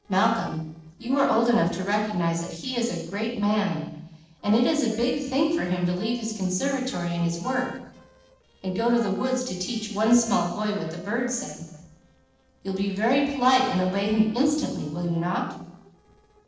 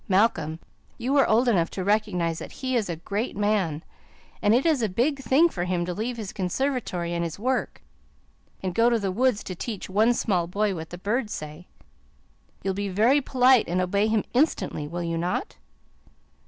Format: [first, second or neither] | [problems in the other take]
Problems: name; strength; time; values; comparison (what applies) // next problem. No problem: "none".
second | noise reduction (neural separator model SepFormer DNS4)